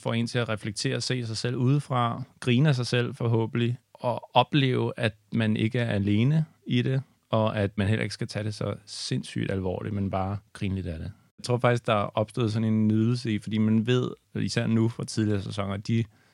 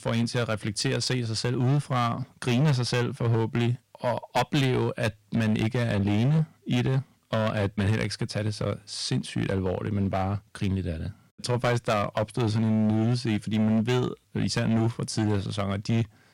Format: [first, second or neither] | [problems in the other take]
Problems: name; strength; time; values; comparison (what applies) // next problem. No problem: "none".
first | distortion; slight; 10% of the sound clipped